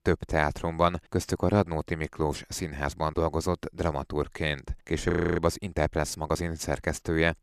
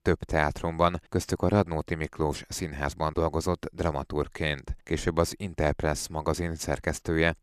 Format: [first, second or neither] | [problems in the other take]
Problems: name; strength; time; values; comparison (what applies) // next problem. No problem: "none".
second | audio freezing; at 5 s